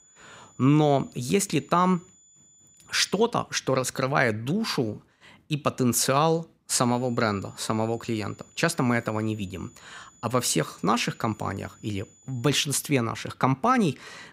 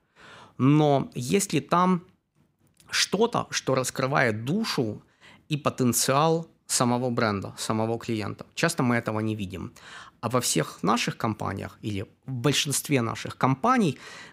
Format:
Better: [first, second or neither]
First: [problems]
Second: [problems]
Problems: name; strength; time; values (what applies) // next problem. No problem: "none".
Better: second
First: high-pitched whine; faint; until 3 s and from 7 to 12 s; 7 kHz, 30 dB below the speech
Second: none